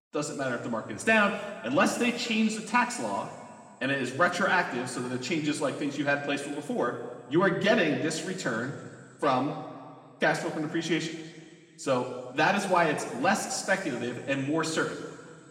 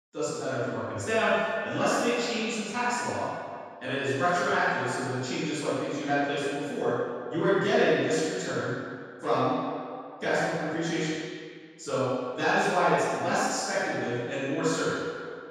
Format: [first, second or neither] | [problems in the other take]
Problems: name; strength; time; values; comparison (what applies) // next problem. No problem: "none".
first | room echo; strong; dies away in 1.8 s; slight in the first // off-mic speech; far; somewhat distant in the first